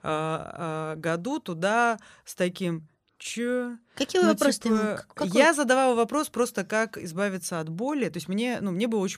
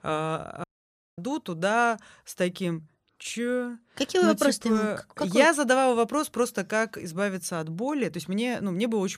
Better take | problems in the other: first | audio cutting out; at 0.5 s for 0.5 s

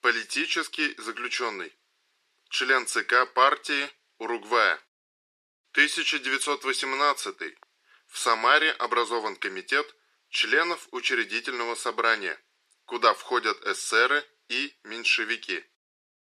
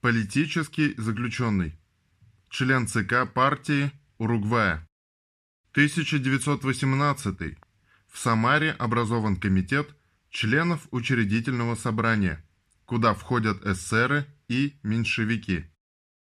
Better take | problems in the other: second | thin; very; fading below 350 Hz

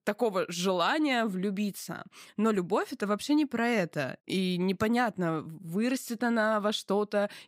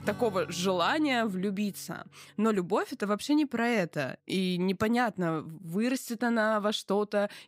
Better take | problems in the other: first | background music; faint; throughout; 20 dB below the speech

